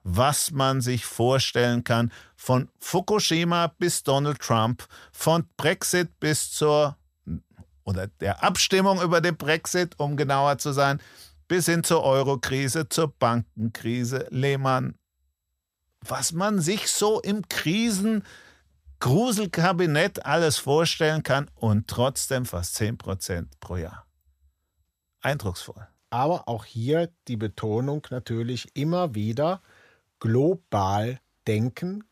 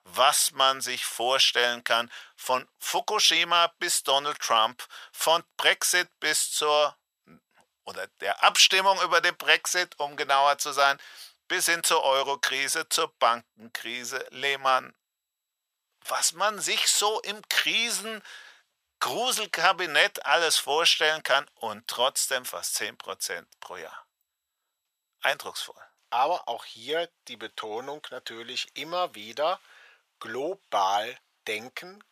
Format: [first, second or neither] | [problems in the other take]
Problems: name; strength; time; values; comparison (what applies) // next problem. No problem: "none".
first | thin; very; fading below 800 Hz